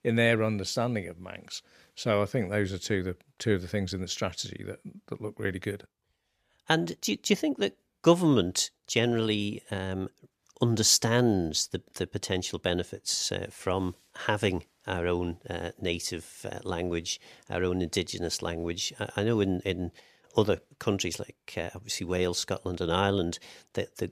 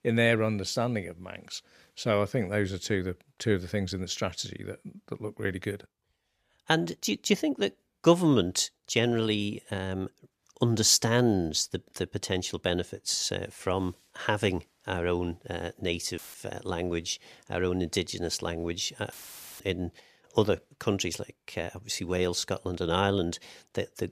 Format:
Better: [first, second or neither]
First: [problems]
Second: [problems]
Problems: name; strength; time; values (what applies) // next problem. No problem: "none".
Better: first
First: none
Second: audio cutting out; filled with static; at 16 s and at 19 s